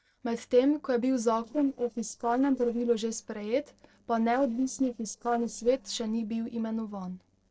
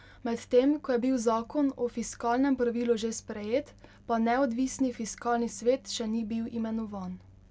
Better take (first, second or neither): second